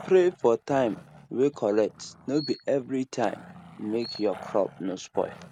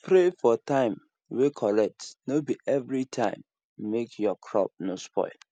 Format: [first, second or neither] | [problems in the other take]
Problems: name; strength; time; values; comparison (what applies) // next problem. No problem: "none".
second | background sound (Growling + Chirp, tweet); 19 dB below the speech